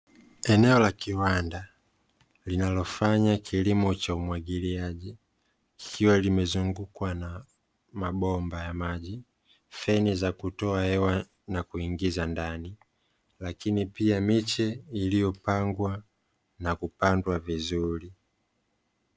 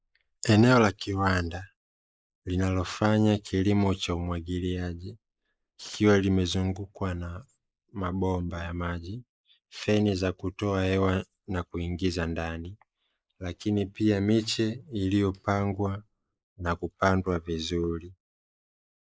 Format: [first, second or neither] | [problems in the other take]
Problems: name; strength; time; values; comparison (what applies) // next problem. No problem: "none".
first | noise reduction (neural mask model Resemble Enhance denoiser)